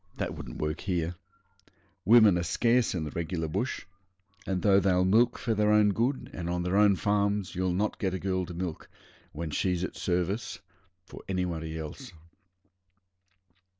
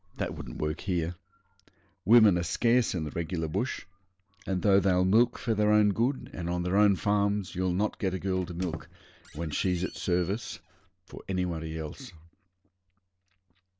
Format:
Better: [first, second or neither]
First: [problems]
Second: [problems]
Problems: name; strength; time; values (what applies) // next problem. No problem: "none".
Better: first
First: none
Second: background sound (Squeak); 17 dB below the speech